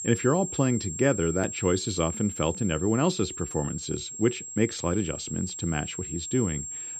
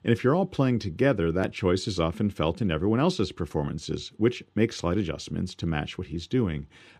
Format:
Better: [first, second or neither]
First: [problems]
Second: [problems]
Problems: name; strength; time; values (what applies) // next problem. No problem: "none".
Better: second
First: high-pitched whine; loud; throughout; 7.5 kHz, 7 dB below the speech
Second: none